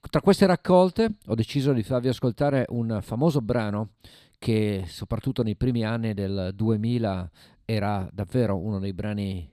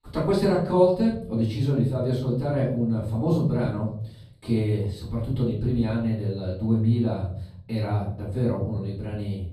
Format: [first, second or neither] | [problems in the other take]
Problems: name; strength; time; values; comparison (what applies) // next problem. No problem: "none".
first | off-mic speech; far // room echo; noticeable; dies away in 0.9 s